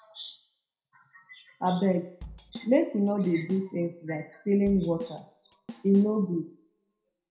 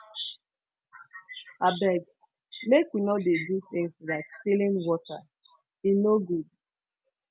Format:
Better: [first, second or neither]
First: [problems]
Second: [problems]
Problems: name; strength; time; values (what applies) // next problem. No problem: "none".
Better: second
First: background sound (Drum / Drum kit); 18 dB below the speech // room echo; dies away in 0.5 s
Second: none